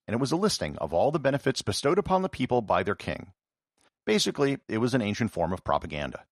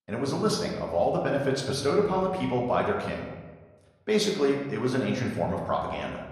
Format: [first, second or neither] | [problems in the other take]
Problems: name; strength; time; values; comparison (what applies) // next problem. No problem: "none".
first | room echo; noticeable; dies away in 1 s // off-mic speech; somewhat distant